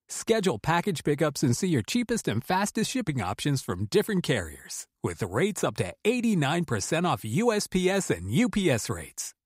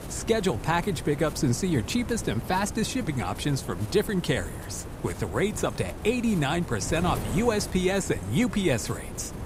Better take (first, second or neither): first